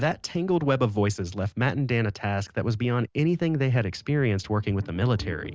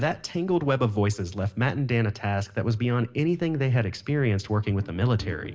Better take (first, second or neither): first